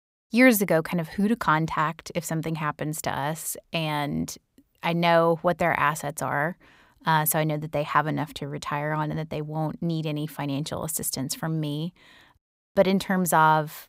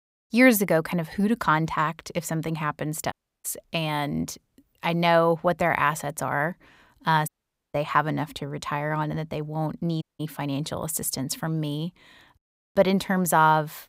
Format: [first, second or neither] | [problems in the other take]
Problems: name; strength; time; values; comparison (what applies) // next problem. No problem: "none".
first | audio cutting out; at 3 s, at 7.5 s and at 10 s